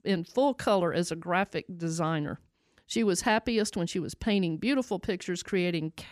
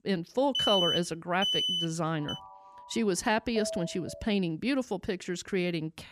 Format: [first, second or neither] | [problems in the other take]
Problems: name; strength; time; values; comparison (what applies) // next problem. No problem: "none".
first | alarms or sirens; very loud; until 4 s; 1 dB above the speech